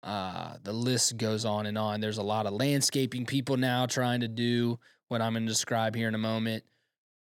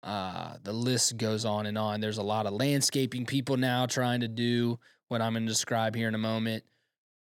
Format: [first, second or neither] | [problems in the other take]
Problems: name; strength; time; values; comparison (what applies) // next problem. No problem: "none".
neither | none